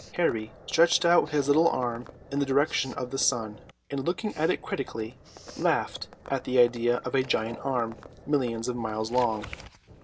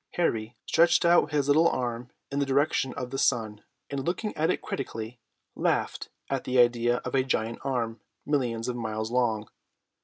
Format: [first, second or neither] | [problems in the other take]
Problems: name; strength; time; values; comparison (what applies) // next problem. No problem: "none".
second | background sound (Writing + Livestock, farm animals, working animals); 18 dB below the speech